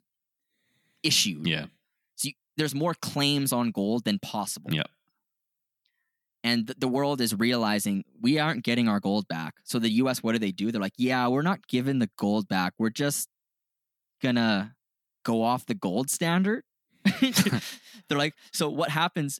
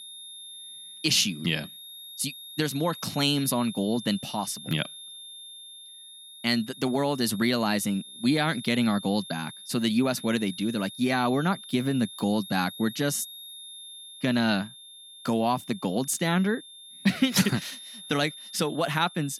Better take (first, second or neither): first